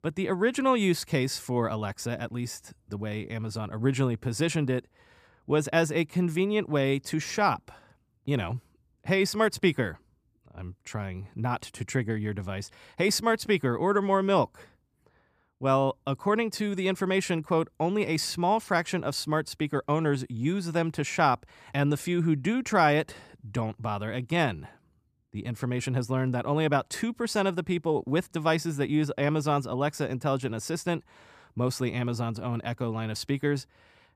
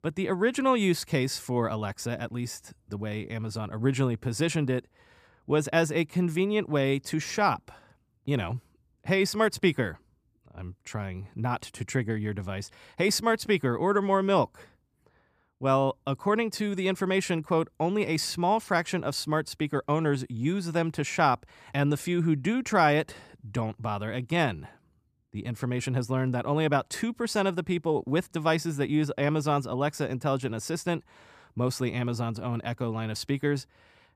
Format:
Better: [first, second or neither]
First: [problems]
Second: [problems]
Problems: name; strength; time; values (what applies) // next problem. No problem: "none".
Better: neither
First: none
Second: none